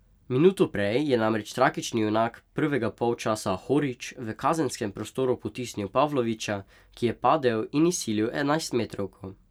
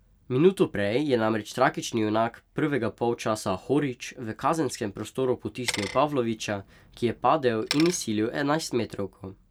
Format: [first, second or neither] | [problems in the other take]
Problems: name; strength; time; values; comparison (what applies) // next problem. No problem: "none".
first | background sound (Bicycle); 12 dB below the speech